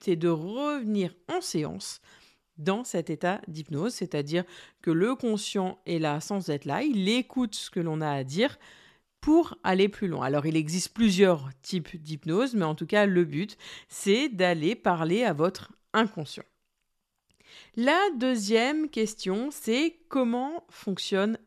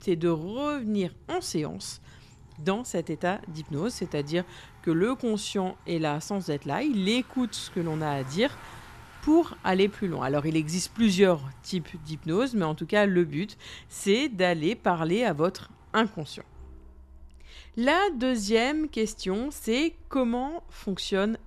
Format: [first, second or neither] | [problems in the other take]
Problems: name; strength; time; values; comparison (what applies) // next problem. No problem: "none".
first | traffic noise; faint; throughout; 25 dB below the speech